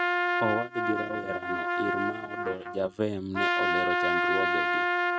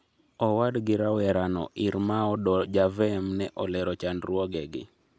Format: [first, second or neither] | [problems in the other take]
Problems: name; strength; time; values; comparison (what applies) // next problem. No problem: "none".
second | noise reduction (neural mask model RNNoise)